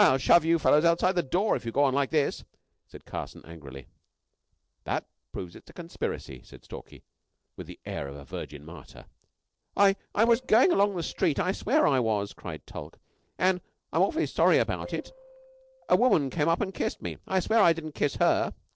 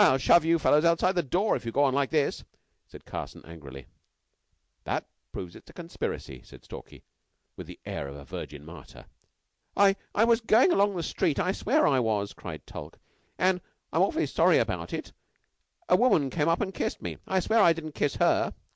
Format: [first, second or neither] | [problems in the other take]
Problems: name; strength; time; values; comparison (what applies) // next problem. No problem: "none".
second | noise reduction (neural separator model SepFormer DNS4)